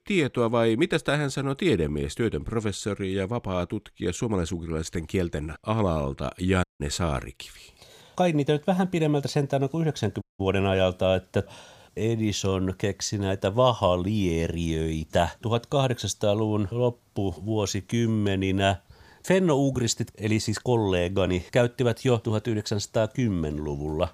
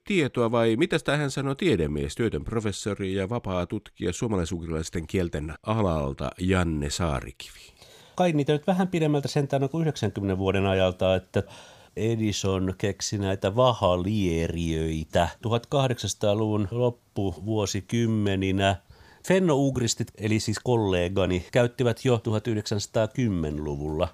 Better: second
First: audio cutting out; at 6.5 s and at 10 s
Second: none

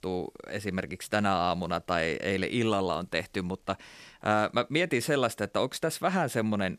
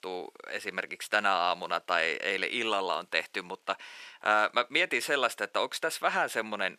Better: first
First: none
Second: thin; very; fading below 450 Hz

